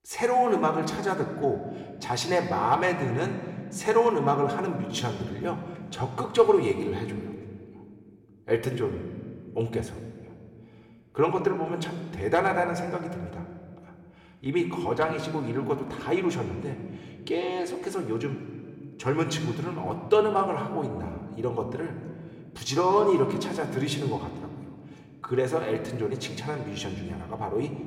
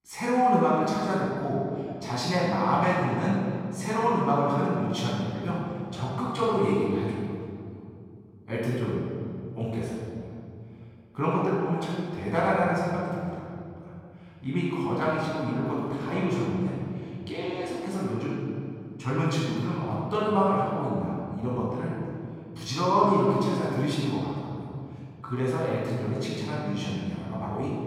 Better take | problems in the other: first | room echo; strong; dies away in 2.4 s; slight in the first // off-mic speech; far

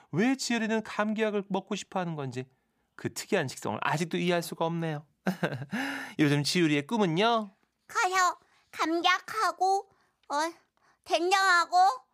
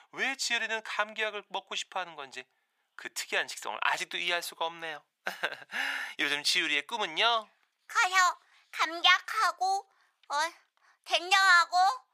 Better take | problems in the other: first | thin; very; fading below 800 Hz

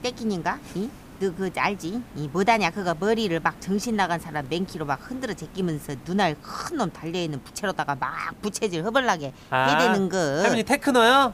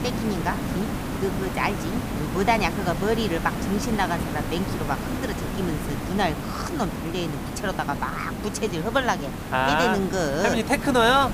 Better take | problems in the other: first | hiss; loud; throughout; 4 dB below the speech; faint in the first

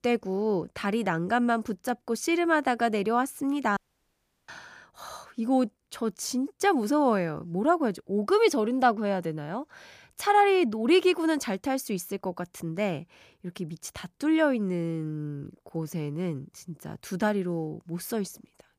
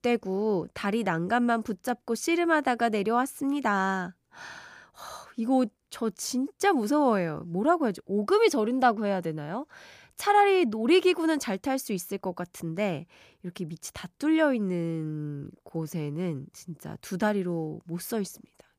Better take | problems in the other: second | audio cutting out; at 4 s for 0.5 s

